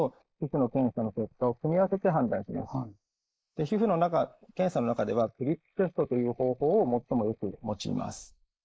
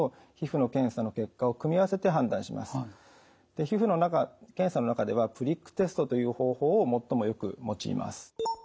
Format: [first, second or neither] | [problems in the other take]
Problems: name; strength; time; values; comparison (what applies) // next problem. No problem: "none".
second | noise reduction (neural mask model Resemble Enhance denoiser)